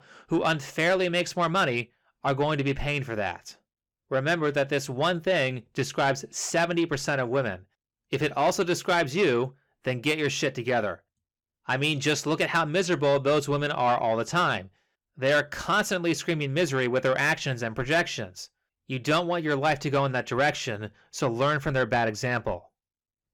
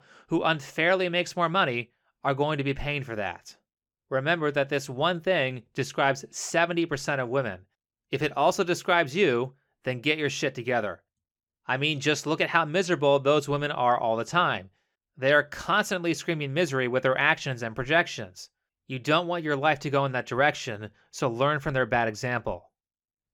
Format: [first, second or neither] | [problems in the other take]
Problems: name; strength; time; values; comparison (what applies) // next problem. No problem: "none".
second | distortion; slight; 10 dB below the speech